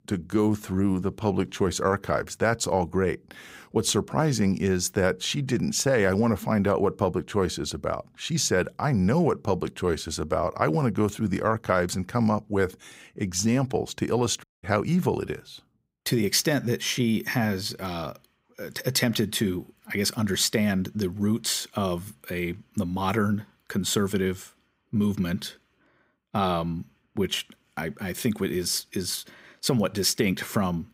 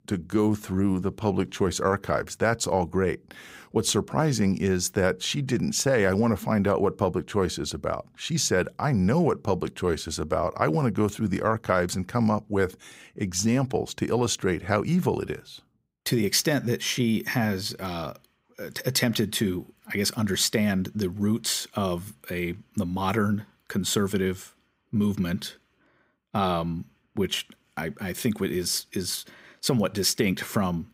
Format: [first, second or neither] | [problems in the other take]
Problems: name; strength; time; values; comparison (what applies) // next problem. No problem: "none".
second | audio cutting out; at 14 s